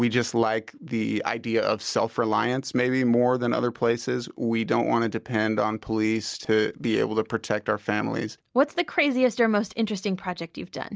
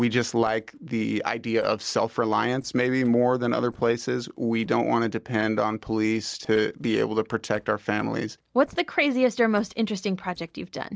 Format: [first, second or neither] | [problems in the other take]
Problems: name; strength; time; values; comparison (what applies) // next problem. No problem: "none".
first | noise reduction (neural separator model SepFormer DNS4)